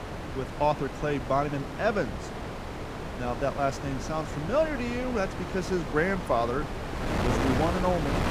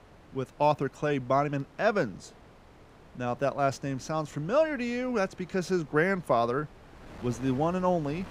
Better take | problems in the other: second | wind noise on the microphone; heavy; 6 dB below the speech; occasional gusts in the second

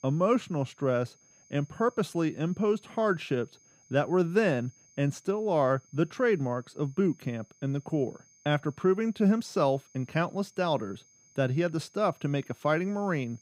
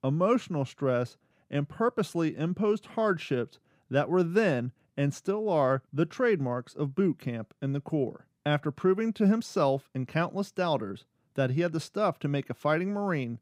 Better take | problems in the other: second | high-pitched whine; faint; throughout; 6.5 kHz, 30 dB below the speech

